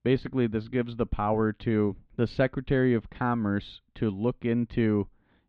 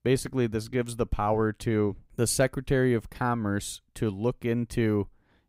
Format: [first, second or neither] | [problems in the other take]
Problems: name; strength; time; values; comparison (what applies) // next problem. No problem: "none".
second | muffled; slightly; fading above 3.5 kHz